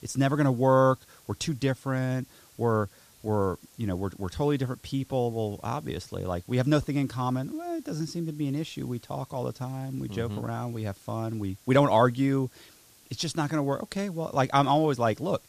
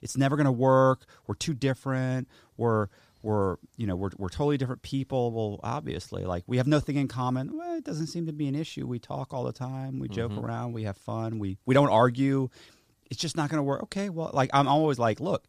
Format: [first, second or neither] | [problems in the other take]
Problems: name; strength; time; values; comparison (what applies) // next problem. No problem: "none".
second | hiss; faint; throughout; 25 dB below the speech